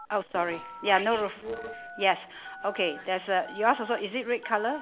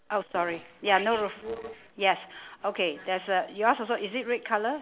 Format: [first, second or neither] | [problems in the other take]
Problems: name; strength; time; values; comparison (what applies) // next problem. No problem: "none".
second | background sound (Telephone); 17 dB below the speech